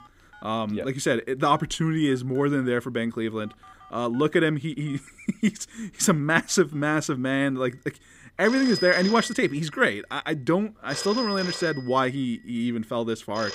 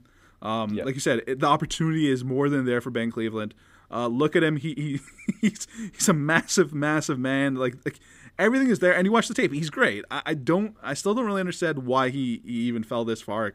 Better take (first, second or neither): second